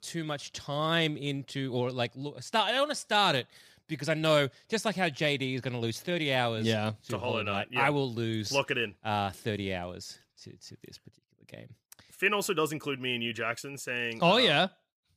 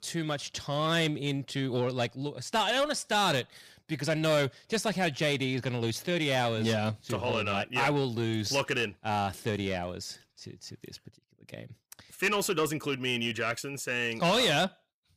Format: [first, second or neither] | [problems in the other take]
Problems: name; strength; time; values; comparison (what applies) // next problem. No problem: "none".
first | distortion; slight; 10 dB below the speech